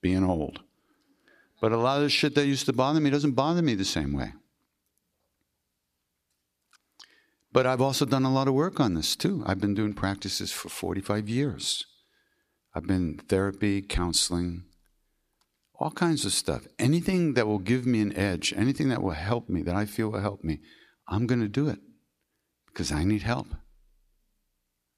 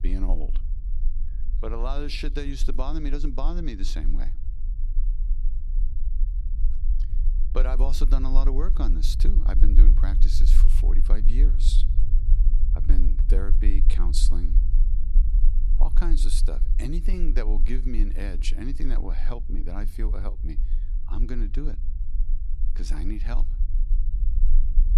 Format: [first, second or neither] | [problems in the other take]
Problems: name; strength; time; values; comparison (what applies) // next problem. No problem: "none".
first | low rumble; noticeable; throughout; 10 dB below the speech